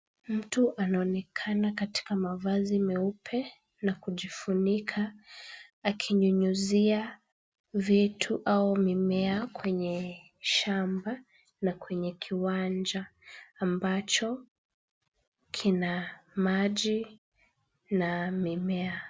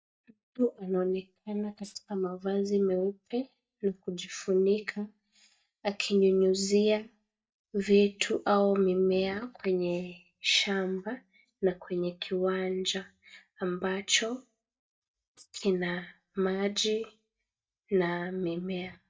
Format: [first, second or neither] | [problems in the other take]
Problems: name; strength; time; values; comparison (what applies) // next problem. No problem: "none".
first | noise reduction (neural mask model DeepFilterNet 3)